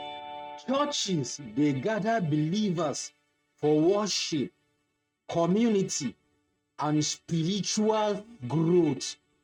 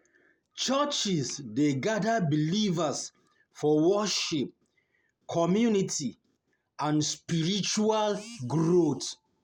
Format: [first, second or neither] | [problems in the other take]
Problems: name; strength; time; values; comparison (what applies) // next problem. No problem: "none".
second | noise reduction (neural mask model RNNoise)